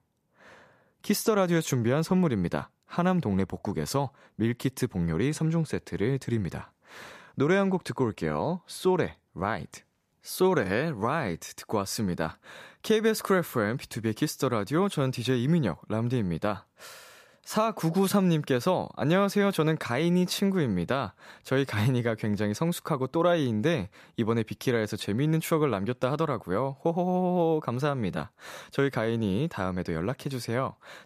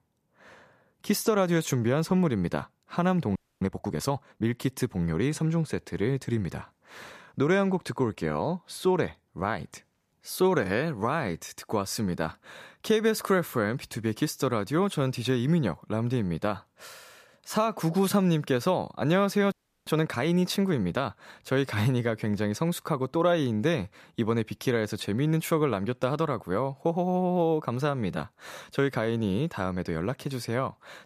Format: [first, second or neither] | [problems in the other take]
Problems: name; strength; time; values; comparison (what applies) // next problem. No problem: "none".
first | audio freezing; at 3.5 s and at 20 s